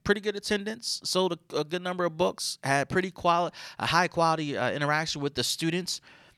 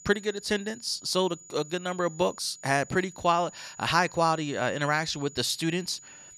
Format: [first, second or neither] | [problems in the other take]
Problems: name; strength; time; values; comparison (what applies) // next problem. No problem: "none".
first | high-pitched whine; noticeable; throughout; 7 kHz, 20 dB below the speech